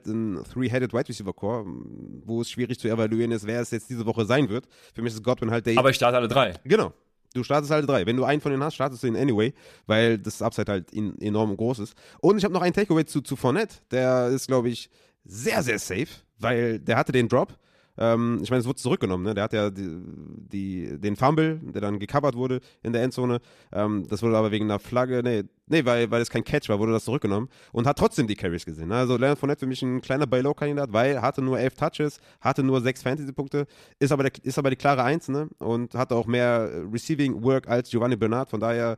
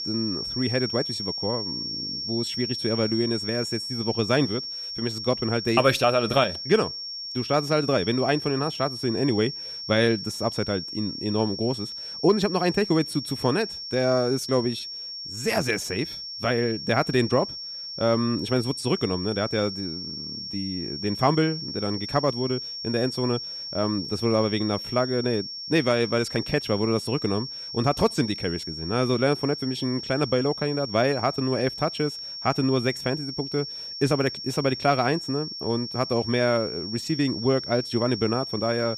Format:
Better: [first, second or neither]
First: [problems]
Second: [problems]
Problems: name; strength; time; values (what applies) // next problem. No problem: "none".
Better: first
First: none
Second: high-pitched whine; loud; throughout; 5.5 kHz, 6 dB below the speech